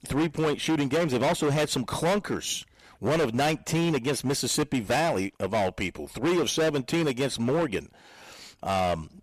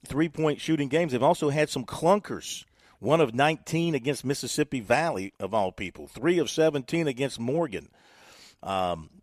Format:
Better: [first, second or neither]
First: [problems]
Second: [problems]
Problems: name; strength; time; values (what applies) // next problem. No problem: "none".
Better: second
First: distortion; heavy; 17% of the sound clipped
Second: none